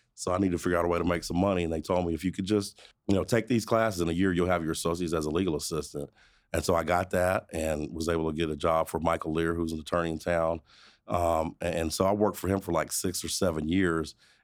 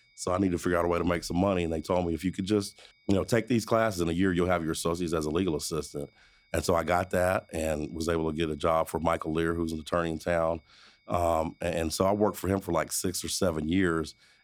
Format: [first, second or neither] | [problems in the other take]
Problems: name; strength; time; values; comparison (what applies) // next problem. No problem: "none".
first | high-pitched whine; faint; throughout; 2 kHz, 35 dB below the speech